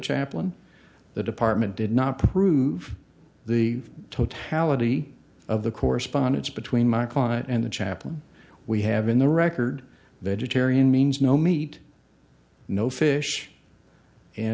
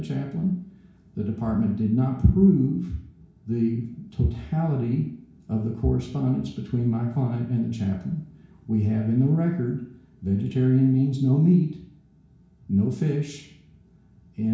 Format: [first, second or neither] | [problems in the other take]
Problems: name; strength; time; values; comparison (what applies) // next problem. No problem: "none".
first | room echo; dies away in 0.6 s